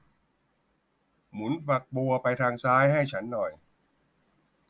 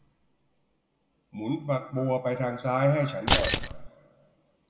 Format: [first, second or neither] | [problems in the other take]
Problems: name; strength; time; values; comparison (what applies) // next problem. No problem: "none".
first | background sound (Keys jangling); 5 dB above the speech // room echo; dies away in 1.7 s